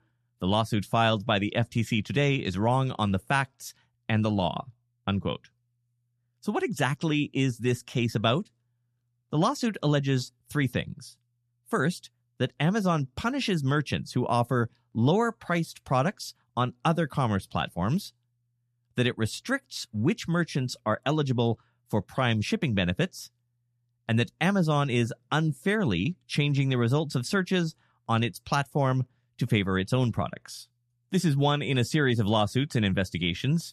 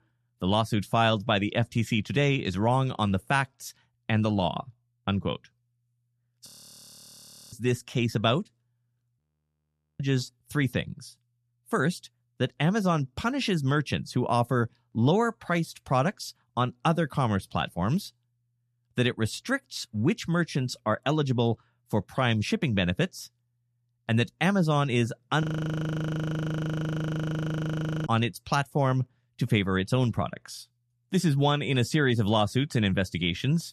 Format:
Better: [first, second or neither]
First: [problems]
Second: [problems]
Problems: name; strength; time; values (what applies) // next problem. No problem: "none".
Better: first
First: none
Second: audio freezing; at 6.5 s for 1 s, at 9 s for 1 s and at 25 s for 2.5 s